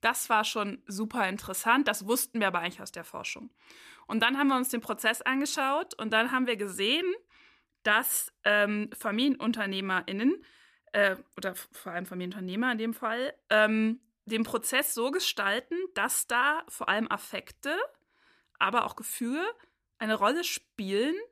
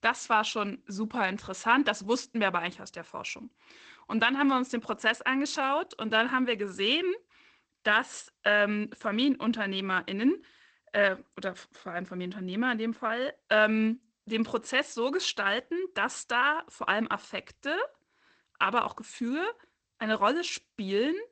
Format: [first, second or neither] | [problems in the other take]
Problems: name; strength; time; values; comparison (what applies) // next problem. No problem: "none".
first | garbled, watery; slightly; nothing above 8 kHz